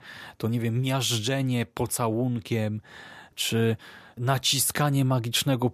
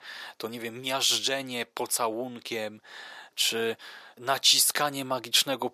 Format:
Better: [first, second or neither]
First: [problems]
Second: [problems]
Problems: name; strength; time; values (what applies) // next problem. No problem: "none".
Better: first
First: none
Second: thin; somewhat; fading below 450 Hz